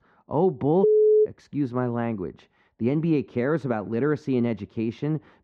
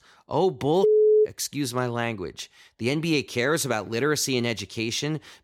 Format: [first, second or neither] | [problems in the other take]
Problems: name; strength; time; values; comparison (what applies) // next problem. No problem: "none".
second | muffled; very; fading above 1 kHz